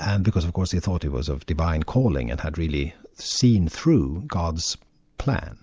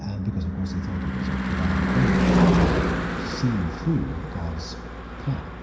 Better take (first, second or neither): first